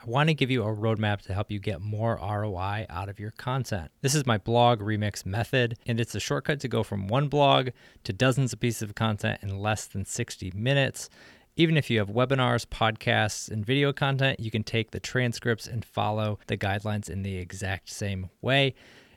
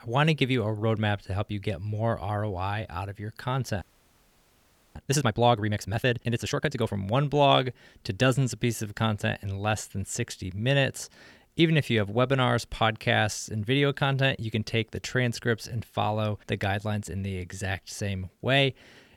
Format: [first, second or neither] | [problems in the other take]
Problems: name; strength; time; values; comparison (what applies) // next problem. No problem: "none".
first | audio freezing; at 4 s for 1 s